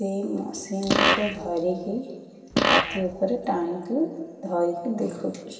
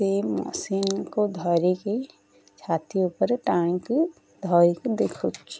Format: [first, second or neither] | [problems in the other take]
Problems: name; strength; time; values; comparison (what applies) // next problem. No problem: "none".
second | background sound (Fart); 3 dB above the speech // room echo; dies away in 2.3 s